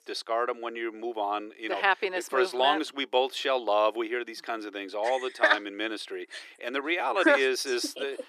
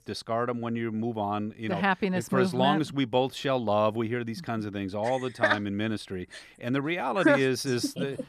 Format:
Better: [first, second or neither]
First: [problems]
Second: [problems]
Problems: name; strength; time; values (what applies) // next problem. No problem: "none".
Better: second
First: thin; very; fading below 350 Hz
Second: none